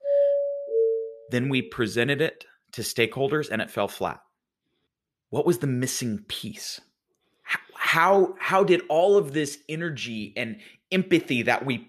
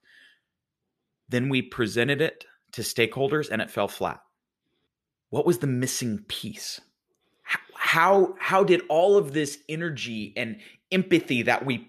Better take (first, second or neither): second